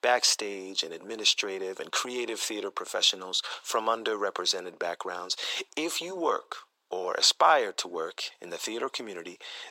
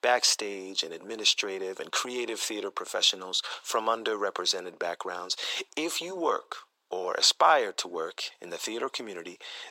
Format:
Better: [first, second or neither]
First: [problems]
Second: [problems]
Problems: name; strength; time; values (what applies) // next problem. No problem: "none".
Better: neither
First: thin; very; fading below 350 Hz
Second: thin; very; fading below 350 Hz